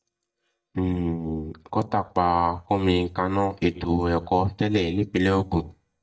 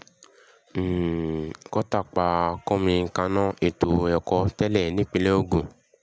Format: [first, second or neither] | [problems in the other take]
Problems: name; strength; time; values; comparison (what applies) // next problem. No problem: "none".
second | noise reduction (neural mask model DeepFilterNet 3)